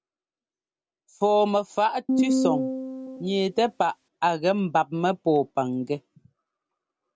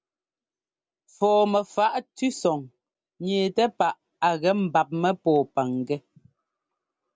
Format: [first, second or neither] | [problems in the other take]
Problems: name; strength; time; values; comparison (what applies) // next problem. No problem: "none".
second | background sound (Piano); as loud as the speech